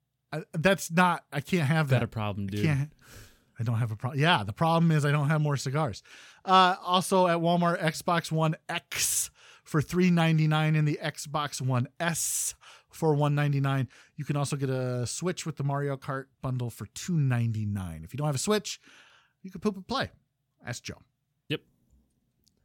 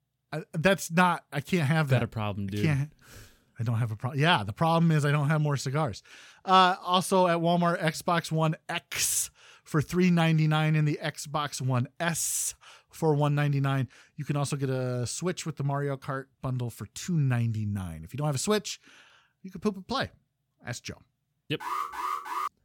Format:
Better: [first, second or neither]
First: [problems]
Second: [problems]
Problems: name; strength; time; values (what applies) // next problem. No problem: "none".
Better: first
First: none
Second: alarm; noticeable; at 22 s; peak 4 dB below the speech